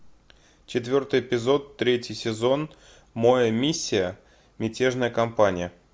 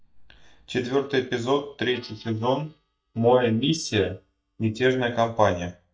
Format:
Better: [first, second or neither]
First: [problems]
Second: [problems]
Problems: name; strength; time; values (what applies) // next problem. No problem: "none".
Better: first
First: none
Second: noise reduction (neural mask model DeepFilterNet 3)